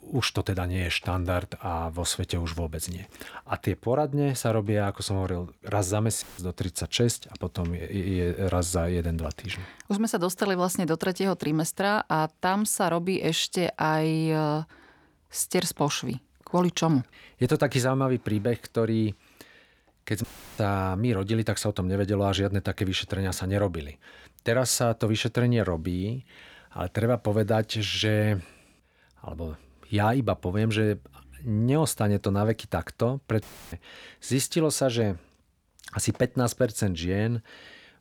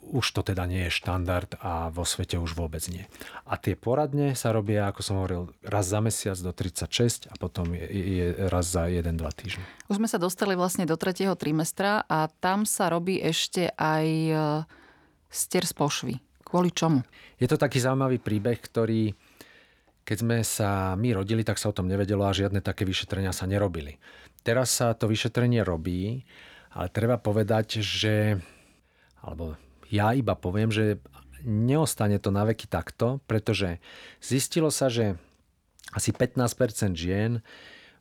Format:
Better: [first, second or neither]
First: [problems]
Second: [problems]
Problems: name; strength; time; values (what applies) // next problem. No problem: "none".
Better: second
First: audio cutting out; filled with static; at 6 s, at 20 s and at 33 s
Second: none